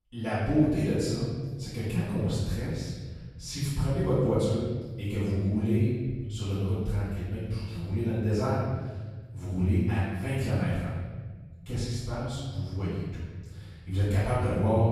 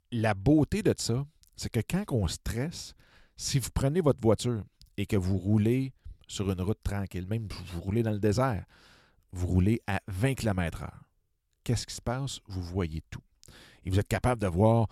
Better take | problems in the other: second | off-mic speech; far // room echo; strong; dies away in 1.5 s

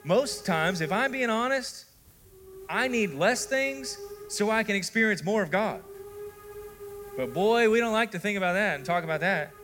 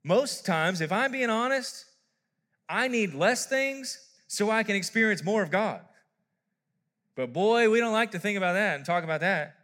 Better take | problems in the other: second | hiss; noticeable; throughout; 20 dB below the speech

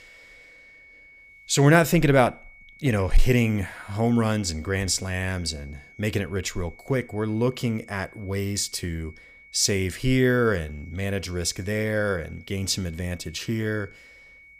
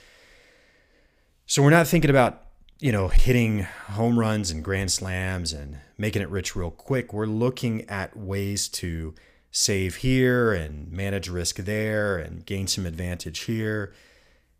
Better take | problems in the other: second | high-pitched whine; faint; throughout; 2 kHz, 25 dB below the speech

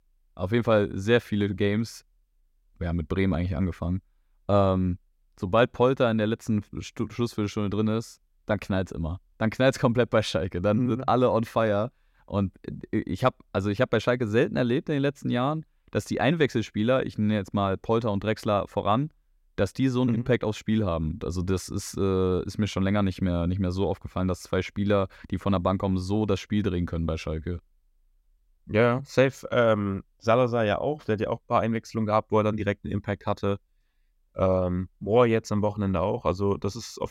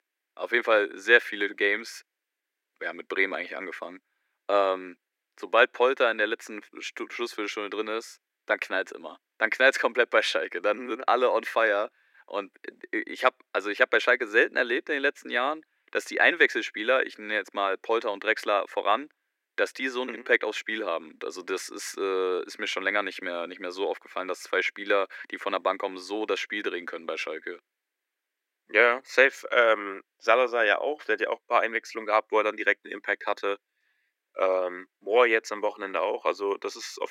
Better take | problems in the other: first | thin; very; fading below 300 Hz

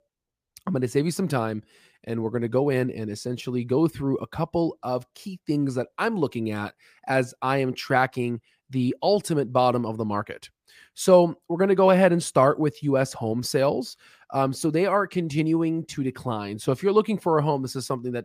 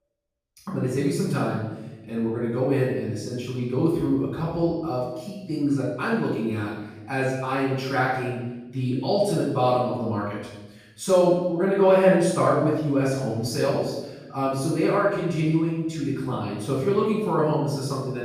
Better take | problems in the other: first | off-mic speech; far // room echo; noticeable; dies away in 0.9 s

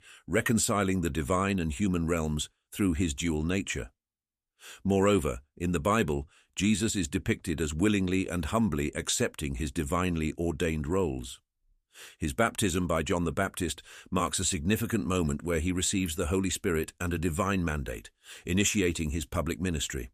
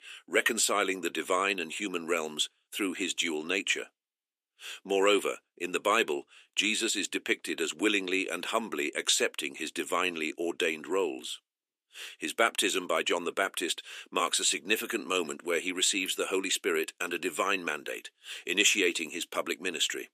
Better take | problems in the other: first | thin; somewhat; fading below 350 Hz

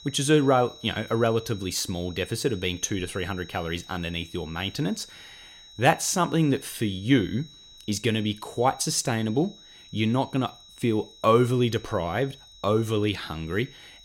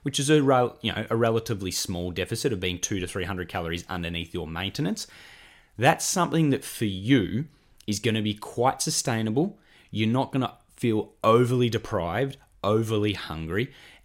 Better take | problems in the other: second | high-pitched whine; faint; throughout; 4 kHz, 20 dB below the speech

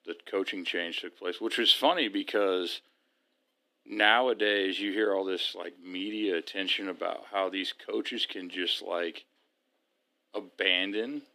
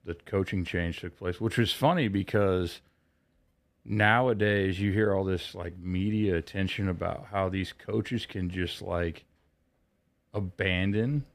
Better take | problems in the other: second | thin; somewhat; fading below 300 Hz

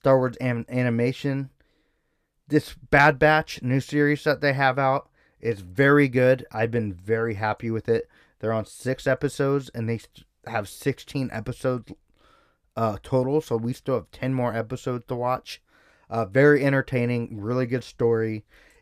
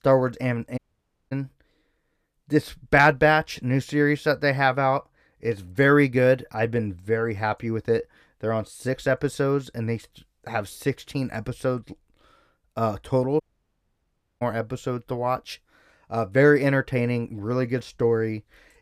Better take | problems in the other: first | audio cutting out; at 1 s for 0.5 s and at 13 s for 1 s

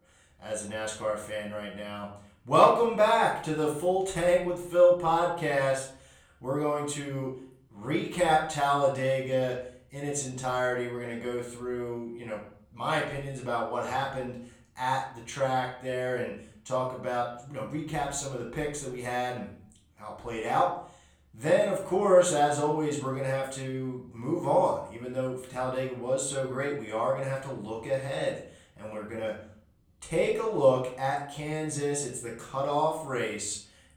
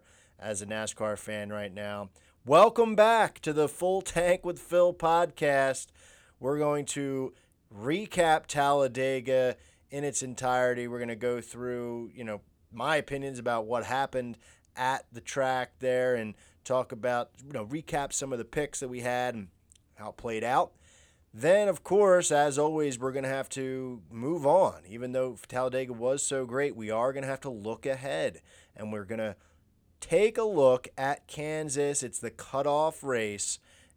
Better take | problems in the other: second | off-mic speech; far // room echo; slight; dies away in 0.5 s

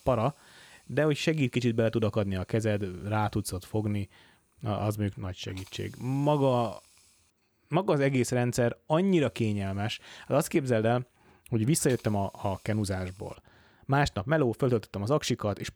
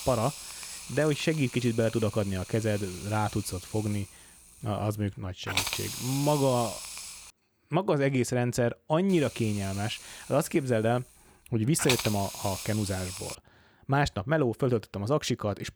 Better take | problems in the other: first | hiss; loud; until 7.5 s and from 9 to 13 s; 8 dB below the speech; faint in the first

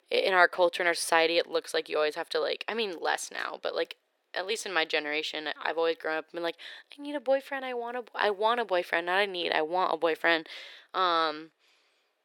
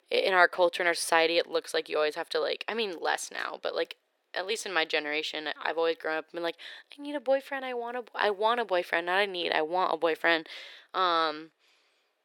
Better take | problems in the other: neither | thin; very; fading below 450 Hz; the same in both

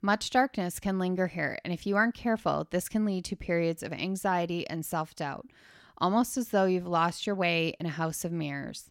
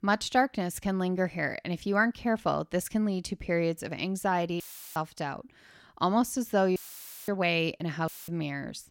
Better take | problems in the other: first | audio cutting out; filled with static; at 4.5 s, at 7 s for 0.5 s and at 8 s

